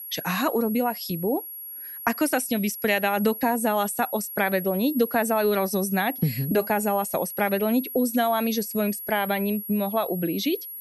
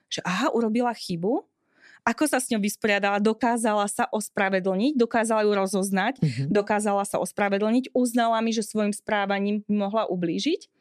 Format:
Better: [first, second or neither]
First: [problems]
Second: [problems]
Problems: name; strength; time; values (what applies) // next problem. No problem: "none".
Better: second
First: high-pitched whine; loud; throughout; 11.5 kHz, 9 dB below the speech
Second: none